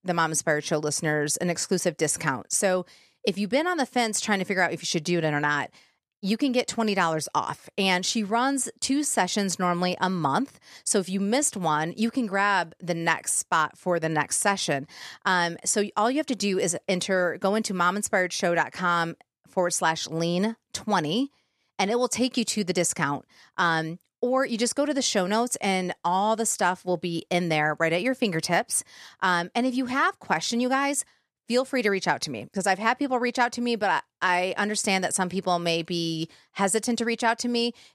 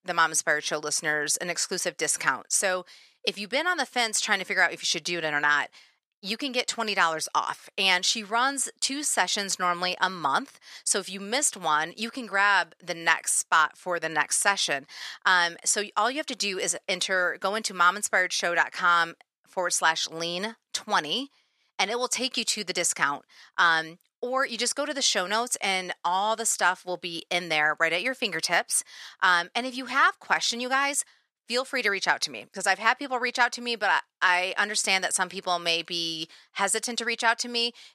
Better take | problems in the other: first | thin; somewhat; fading below 800 Hz

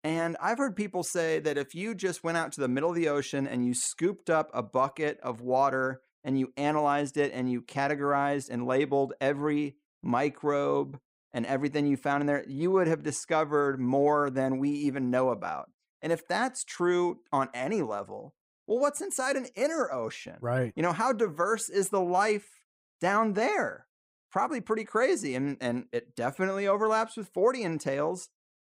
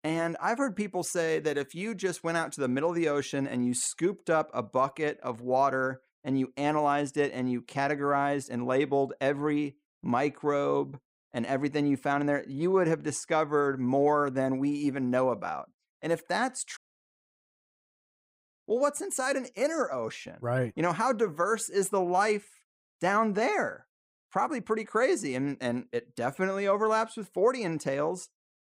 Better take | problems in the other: first | audio cutting out; at 17 s for 1.5 s

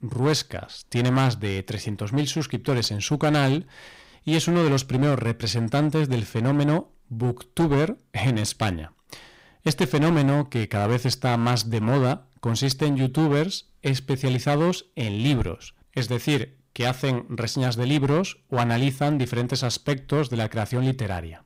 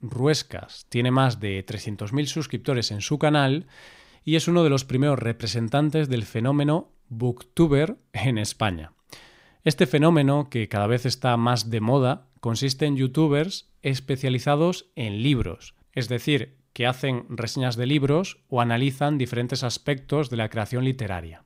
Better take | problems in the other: second | distortion; slight; 11% of the sound clipped

